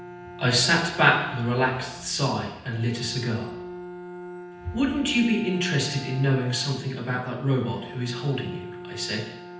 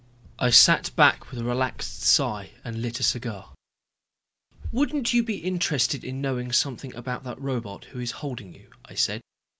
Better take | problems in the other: second | background sound (Bowed string instrument); 14 dB below the speech // room echo; dies away in 0.9 s

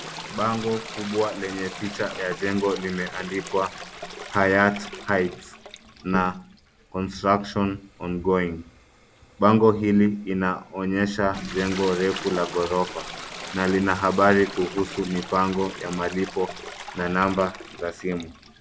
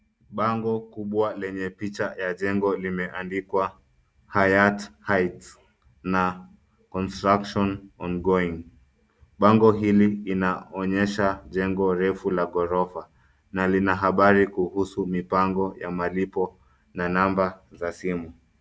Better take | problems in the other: second | background sound (Toilet flush); 13 dB below the speech

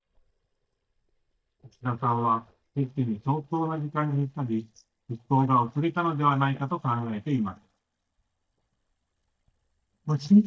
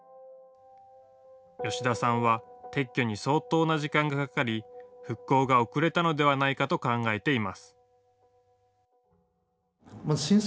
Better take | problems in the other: second | noise reduction (neural mask model DeepFilterNet 3)

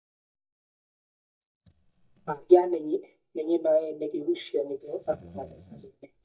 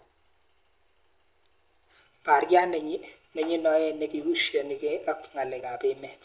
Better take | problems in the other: second | noise reduction (neural mask model DeepFilterNet 3)

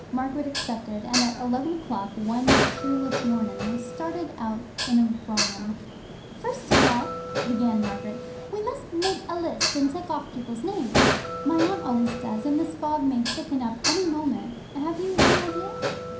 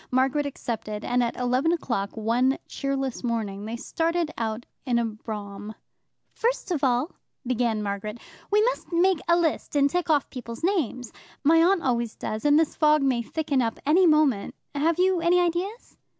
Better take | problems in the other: second | background sound (Dishes, pots, and pans); 1 dB below the speech // room echo; dies away in 0.5 s

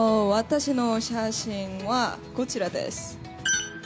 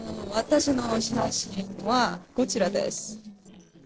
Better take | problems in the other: first | noise reduction (neural separator model SepFormer DNS4)

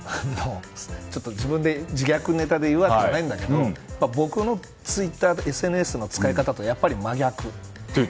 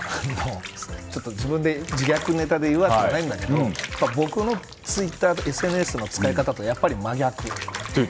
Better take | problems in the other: first | background sound (Bathtub (filling or washing) / Water); 13 dB below the speech

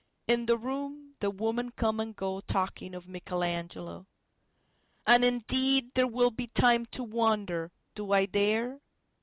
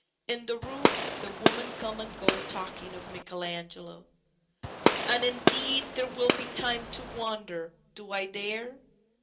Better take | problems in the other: first | background sound (Gunshot, gunfire); 5 dB above the speech // room echo; dies away in 0.2 s

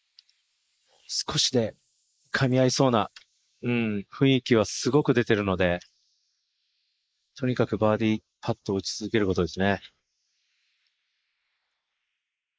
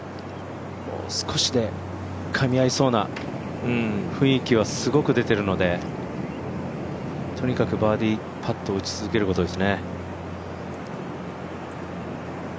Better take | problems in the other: second | noise reduction (neural mask model Resemble Enhance denoiser)

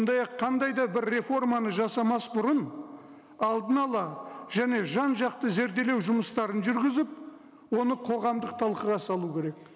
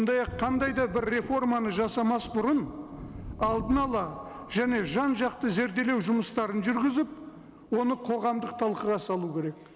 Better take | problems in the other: first | background sound (Thunder); 16 dB below the speech

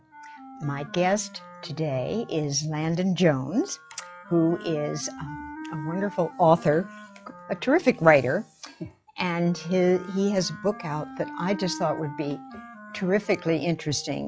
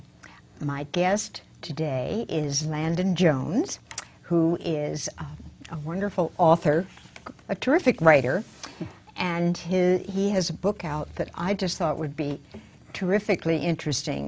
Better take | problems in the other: second | noise reduction (classical method log-MMSE)

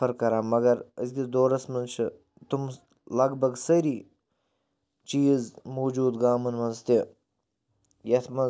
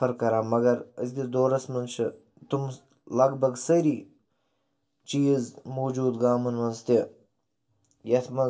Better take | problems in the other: first | room echo; dies away in 0.2 s

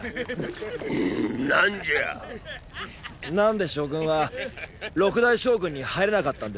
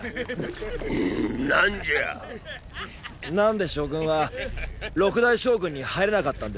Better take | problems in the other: first | background sound (Purr); 15 dB below the speech

